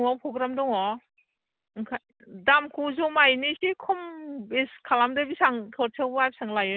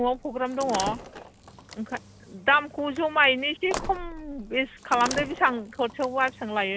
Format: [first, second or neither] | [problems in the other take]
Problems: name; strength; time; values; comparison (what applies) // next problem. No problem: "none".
first | background sound (Slam); 13 dB below the speech